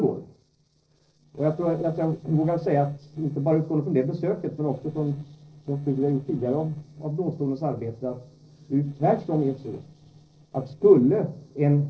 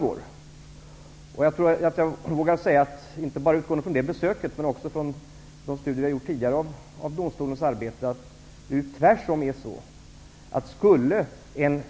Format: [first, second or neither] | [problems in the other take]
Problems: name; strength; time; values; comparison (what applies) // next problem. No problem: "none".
second | noise reduction (neural separator model SepFormer DNS4)